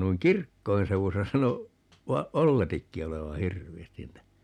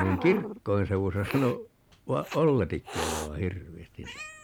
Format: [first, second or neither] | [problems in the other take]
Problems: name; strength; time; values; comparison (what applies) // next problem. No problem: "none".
first | background sound (Hiss); 10 dB below the speech